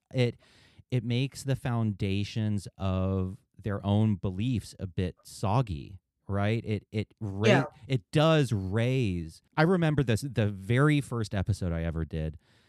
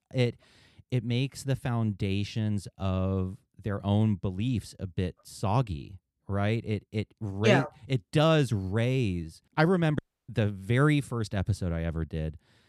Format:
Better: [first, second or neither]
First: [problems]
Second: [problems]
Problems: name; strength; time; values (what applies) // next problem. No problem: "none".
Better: first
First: none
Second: audio cutting out; at 10 s